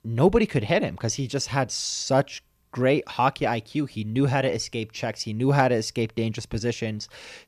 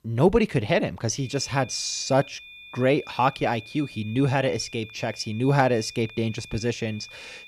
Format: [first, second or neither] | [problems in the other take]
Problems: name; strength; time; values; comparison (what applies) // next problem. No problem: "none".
first | high-pitched whine; noticeable; from 1 s on; 2.5 kHz, 20 dB below the speech